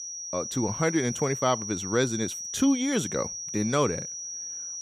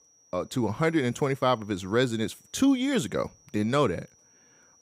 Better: second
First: high-pitched whine; loud; throughout; 6 kHz, 5 dB below the speech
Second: high-pitched whine; faint; throughout; 6 kHz, 30 dB below the speech

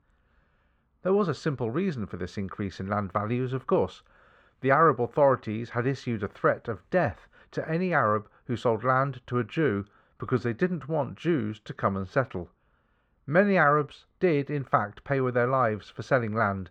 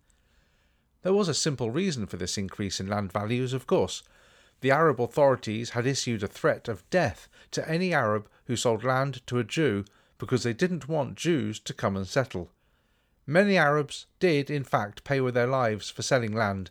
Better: second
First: muffled; very; fading above 4 kHz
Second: none

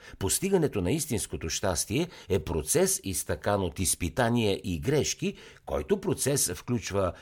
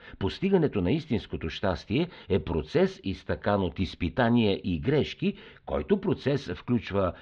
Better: first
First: none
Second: muffled; very; fading above 4 kHz

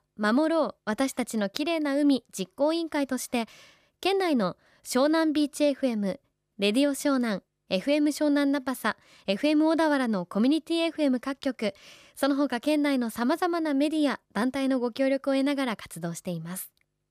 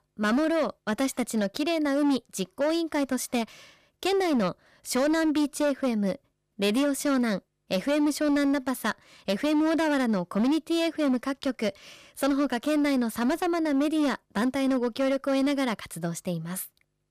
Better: first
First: none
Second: distortion; slight; 13% of the sound clipped

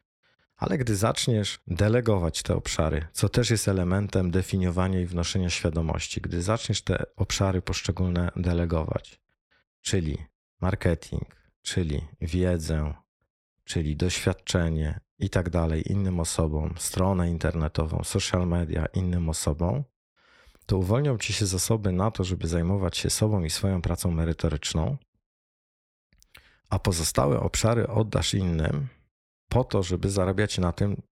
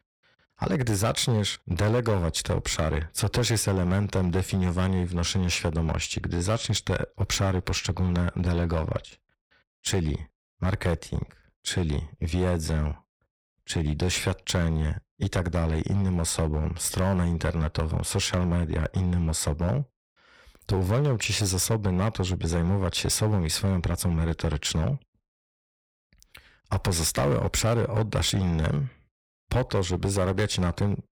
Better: first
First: none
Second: distortion; slight; 9% of the sound clipped

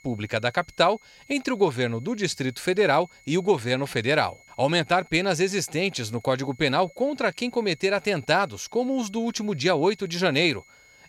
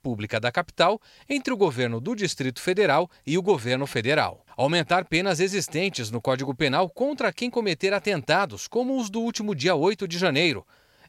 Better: second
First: high-pitched whine; faint; throughout; 2 kHz, 30 dB below the speech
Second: none

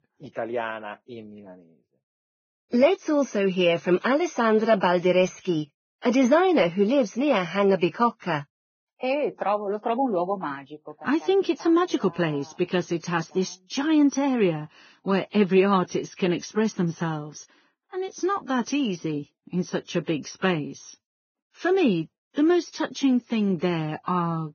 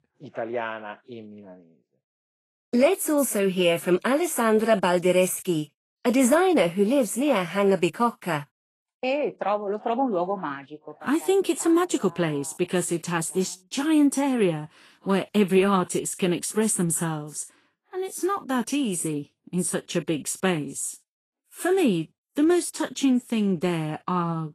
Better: second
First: garbled, watery; badly; nothing above 6.5 kHz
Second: garbled, watery; slightly; nothing above 12.5 kHz

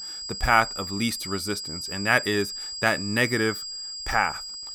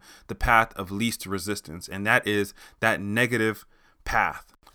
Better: second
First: high-pitched whine; loud; throughout; 5 kHz, 7 dB below the speech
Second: none

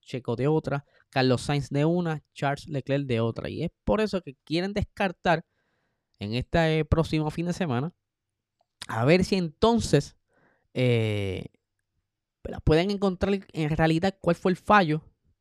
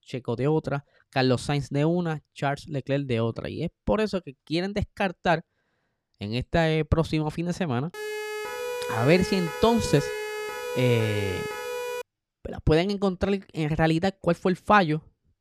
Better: first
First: none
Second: siren; noticeable; from 8 to 12 s; peak 6 dB below the speech

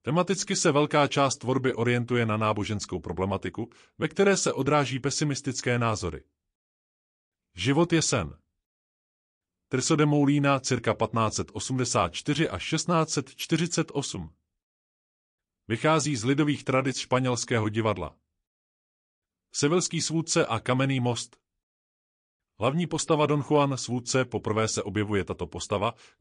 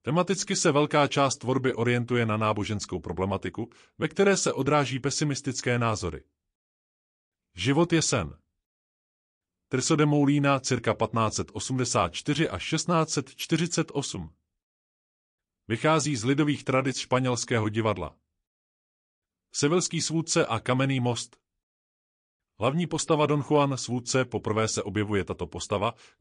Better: neither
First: none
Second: none

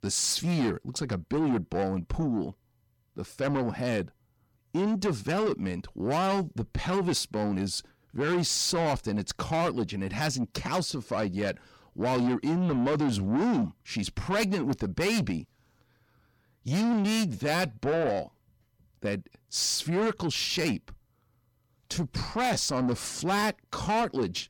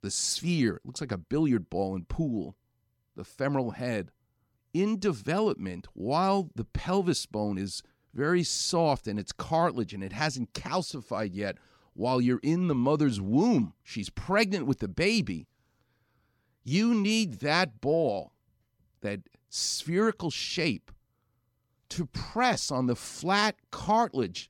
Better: second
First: distortion; heavy; 8 dB below the speech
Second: none

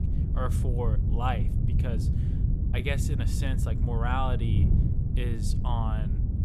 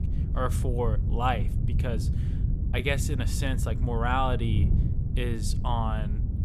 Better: second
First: wind noise on the microphone; heavy; 6 dB below the speech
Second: wind noise on the microphone; occasional gusts; 10 dB below the speech

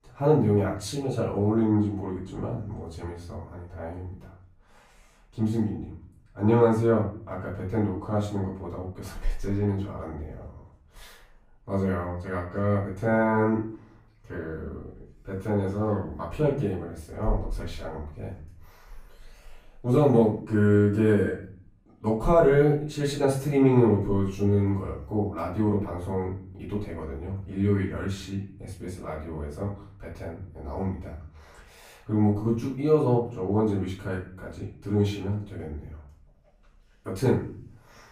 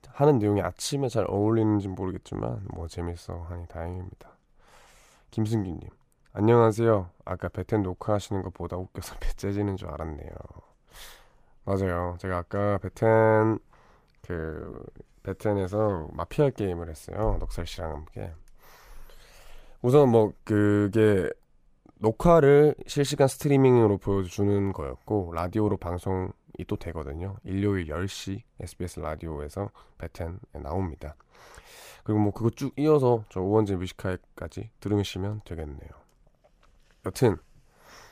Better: second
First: off-mic speech; far // room echo; noticeable; dies away in 0.5 s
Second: none

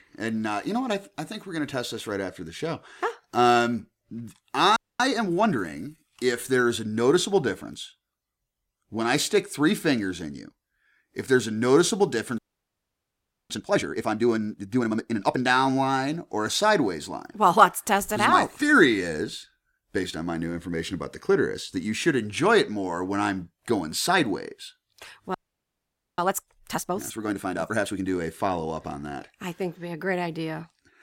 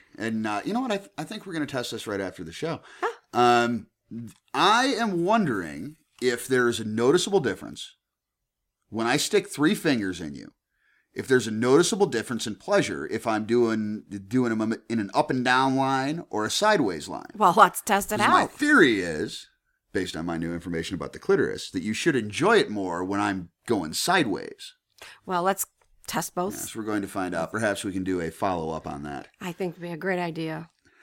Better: second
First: audio freezing; at 5 s, at 12 s for 1 s and at 25 s for 1 s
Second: none

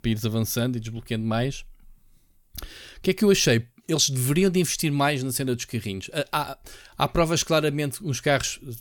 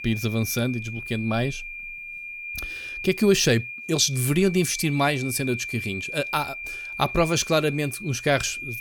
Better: first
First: none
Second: high-pitched whine; loud; throughout; 2.5 kHz, 9 dB below the speech

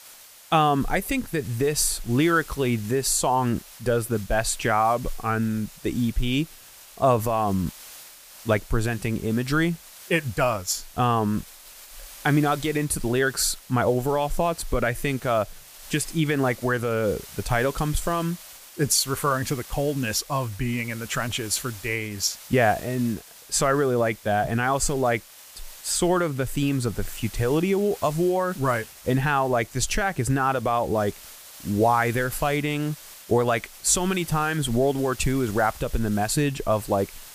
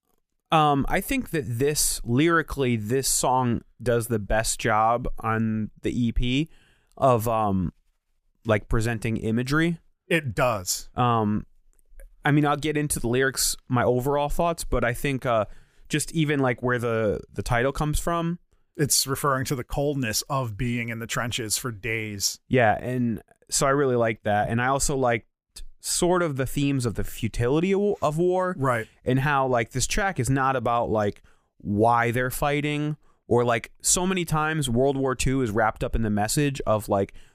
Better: second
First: hiss; noticeable; throughout; 20 dB below the speech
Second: none

